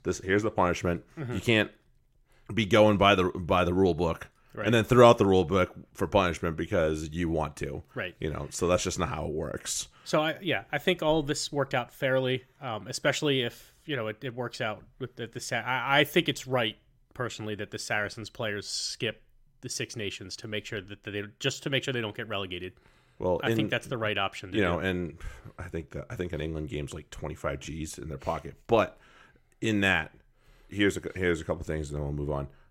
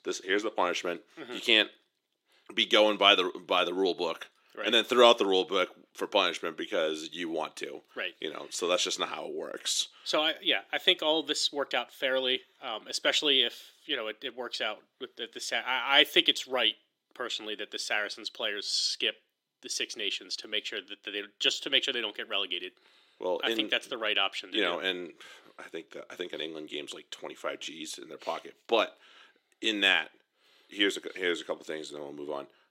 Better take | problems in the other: first | thin; somewhat; fading below 300 Hz

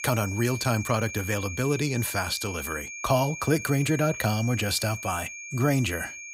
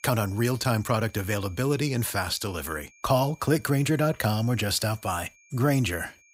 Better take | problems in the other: second | high-pitched whine; loud; throughout; 2.5 kHz, 9 dB below the speech; faint in the second

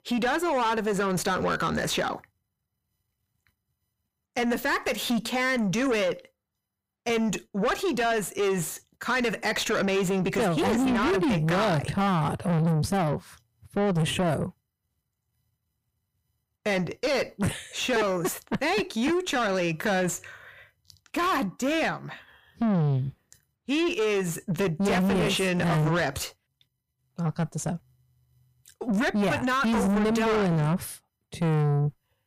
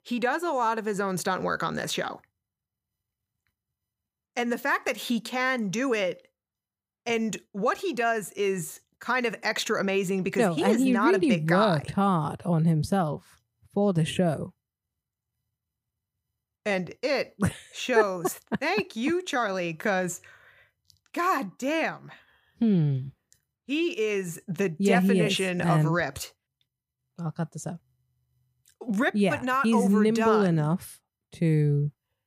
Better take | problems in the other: second | distortion; heavy; 6 dB below the speech

